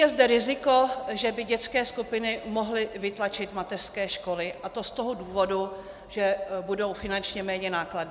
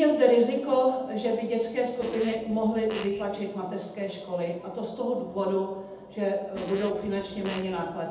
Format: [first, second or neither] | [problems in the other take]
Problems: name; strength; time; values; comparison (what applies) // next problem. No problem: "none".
first | background sound (Fart); 14 dB below the speech // room echo; dies away in 0.8 s